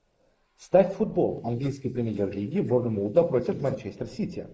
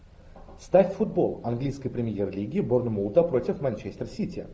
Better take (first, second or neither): second